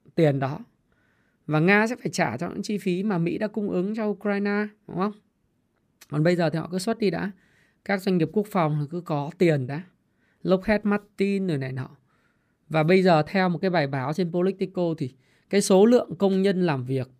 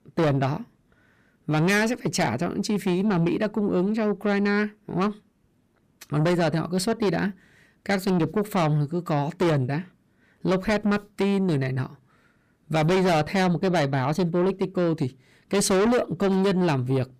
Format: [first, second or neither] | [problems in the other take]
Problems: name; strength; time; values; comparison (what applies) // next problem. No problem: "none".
first | distortion; heavy; 7 dB below the speech